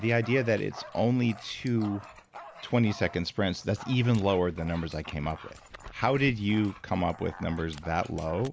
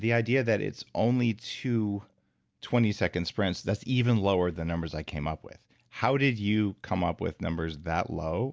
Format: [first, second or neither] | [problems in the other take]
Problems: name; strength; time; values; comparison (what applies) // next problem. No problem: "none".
second | background sound (Dog); 18 dB below the speech